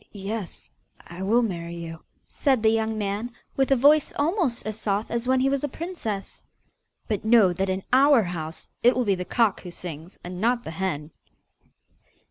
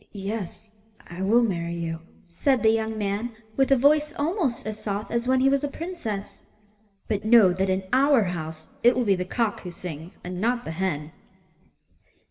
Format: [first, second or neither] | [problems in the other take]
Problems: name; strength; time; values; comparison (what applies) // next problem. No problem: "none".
first | room echo; dies away in 2 s